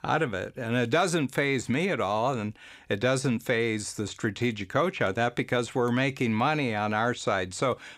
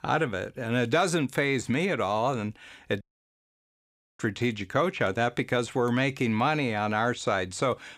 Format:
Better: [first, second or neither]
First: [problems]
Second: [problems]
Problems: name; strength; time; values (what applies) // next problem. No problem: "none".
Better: first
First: none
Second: audio cutting out; at 3 s for 1 s